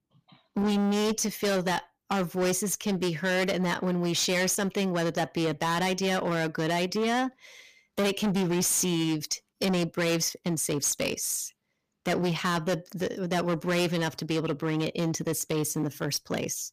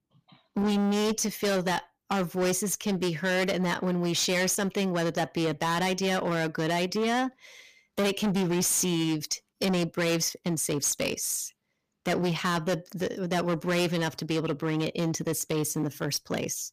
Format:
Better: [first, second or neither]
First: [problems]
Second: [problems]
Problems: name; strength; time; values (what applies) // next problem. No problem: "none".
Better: neither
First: distortion; heavy; 18% of the sound clipped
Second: distortion; heavy; 18% of the sound clipped